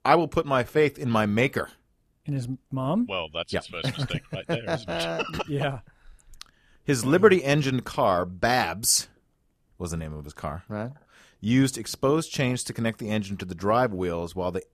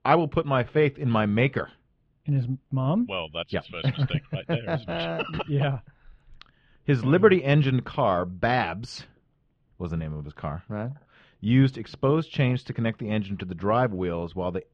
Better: first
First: none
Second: muffled; slightly; fading above 3.5 kHz

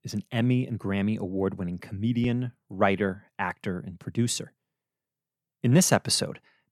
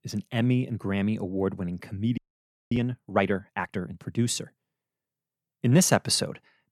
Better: first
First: none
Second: audio freezing; at 2 s for 0.5 s

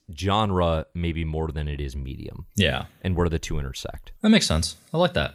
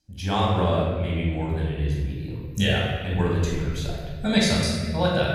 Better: first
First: none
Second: off-mic speech; far // room echo; strong; dies away in 1.7 s

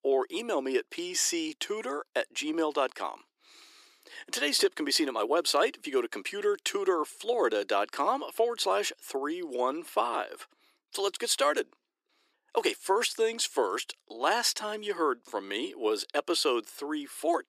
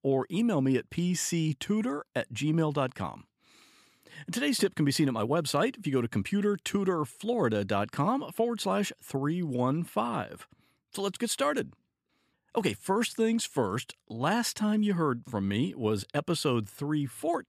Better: second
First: thin; very; fading below 350 Hz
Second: none

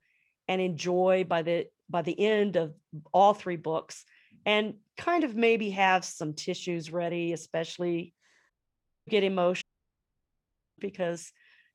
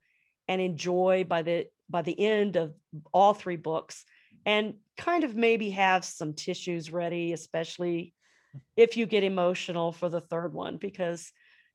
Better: second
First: audio cutting out; at 8.5 s for 0.5 s and at 9.5 s for 1 s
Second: none

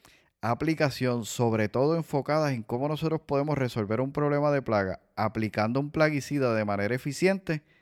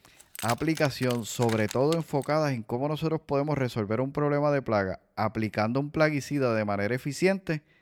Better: first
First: none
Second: jangling keys; noticeable; until 2 s; peak 9 dB below the speech

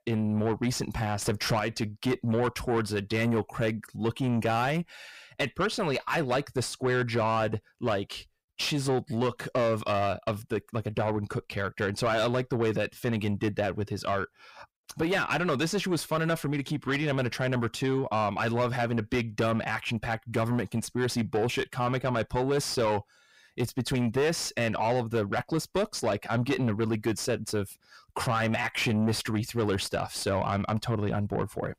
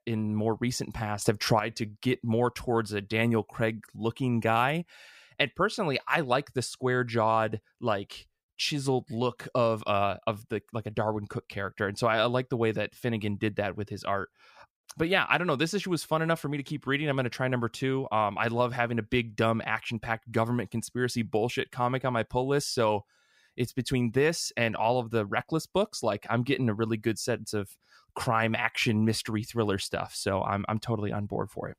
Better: second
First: distortion; heavy; 8 dB below the speech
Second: none

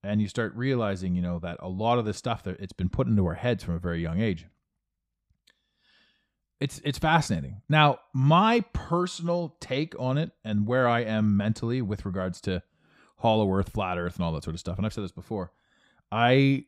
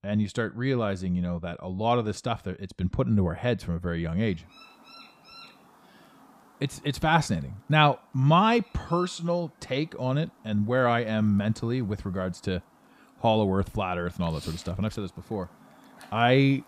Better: first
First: none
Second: animal sounds; faint; from 4.5 s on; 25 dB below the speech

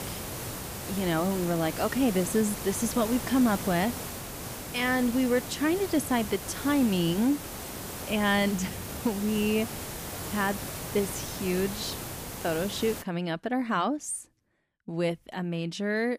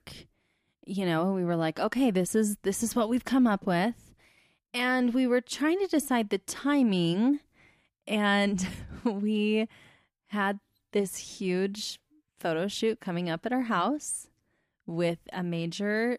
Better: second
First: hiss; loud; until 13 s; 8 dB below the speech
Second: none

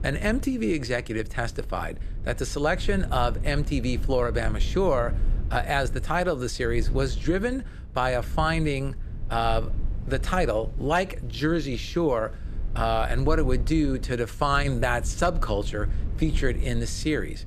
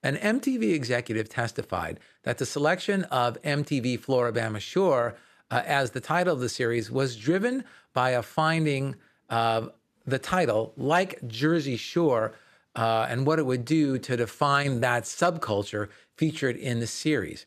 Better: second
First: low rumble; faint; throughout; 20 dB below the speech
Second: none

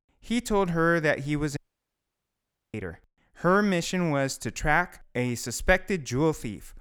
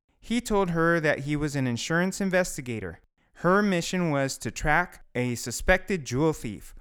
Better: second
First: audio cutting out; at 1.5 s for 1 s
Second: none

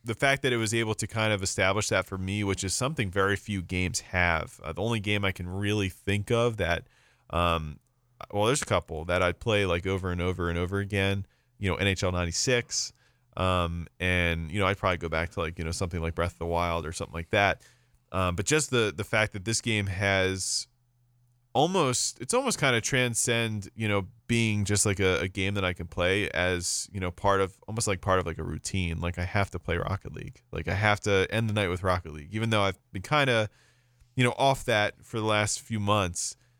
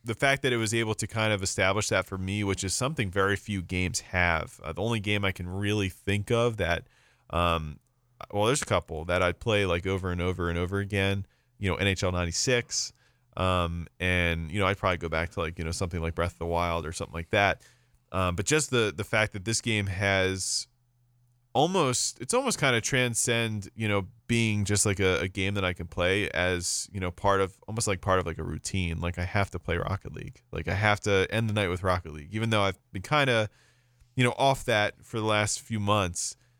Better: neither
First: none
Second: none

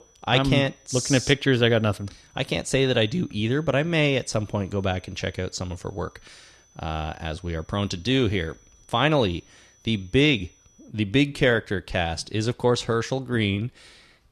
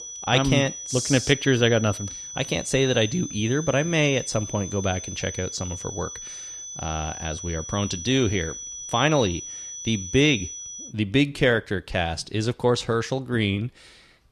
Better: first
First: high-pitched whine; faint; until 11 s; 6 kHz, 30 dB below the speech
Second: high-pitched whine; loud; until 11 s; 6 kHz, 10 dB below the speech

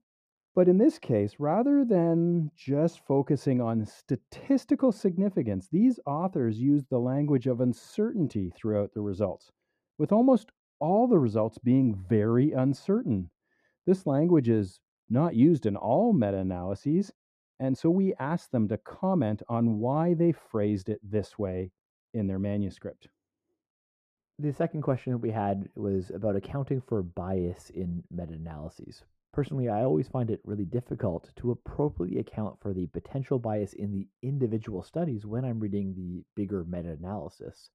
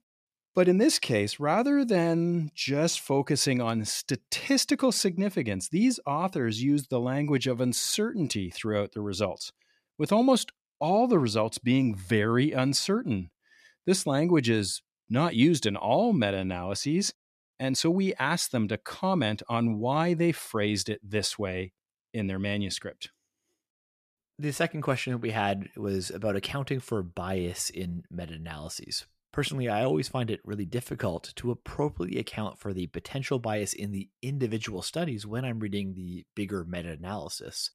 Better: second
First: muffled; very; fading above 1.5 kHz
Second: none

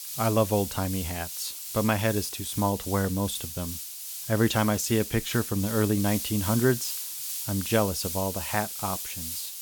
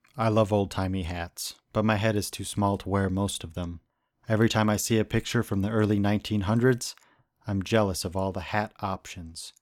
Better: second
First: hiss; loud; throughout; 5 dB below the speech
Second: none

